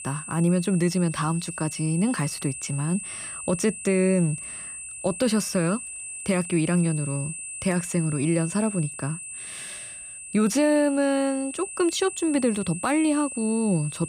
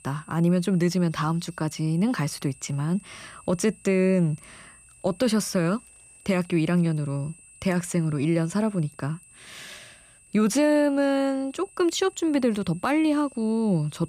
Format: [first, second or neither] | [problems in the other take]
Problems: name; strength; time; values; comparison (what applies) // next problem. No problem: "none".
second | high-pitched whine; loud; throughout; 8 kHz, 9 dB below the speech; faint in the second